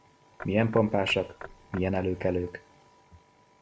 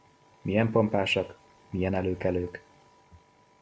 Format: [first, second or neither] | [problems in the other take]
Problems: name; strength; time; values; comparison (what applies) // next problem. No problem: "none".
second | background sound (Knock / Wood); 17 dB below the speech